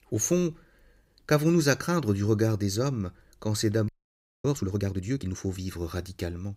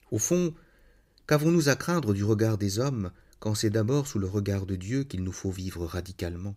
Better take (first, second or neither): second